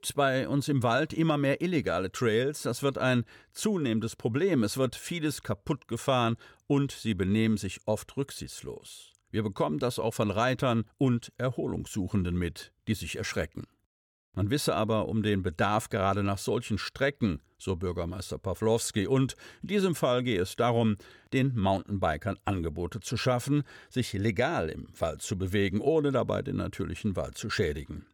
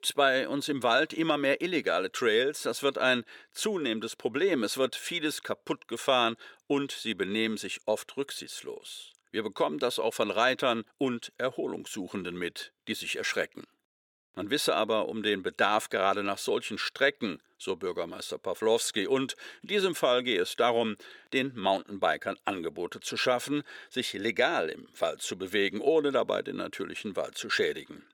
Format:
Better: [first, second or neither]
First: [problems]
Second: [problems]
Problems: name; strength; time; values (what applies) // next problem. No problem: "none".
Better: first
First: none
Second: thin; somewhat; fading below 350 Hz